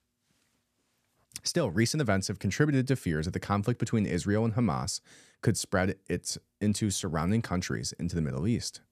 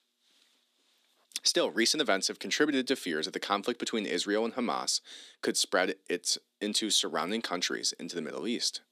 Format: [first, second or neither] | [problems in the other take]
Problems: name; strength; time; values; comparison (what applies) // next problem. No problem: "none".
first | thin; somewhat; fading below 250 Hz